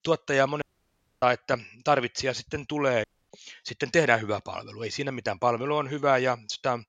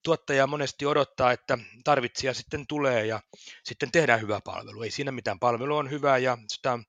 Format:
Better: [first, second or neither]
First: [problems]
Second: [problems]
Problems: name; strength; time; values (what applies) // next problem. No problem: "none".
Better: second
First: audio cutting out; at 0.5 s for 0.5 s and at 3 s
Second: none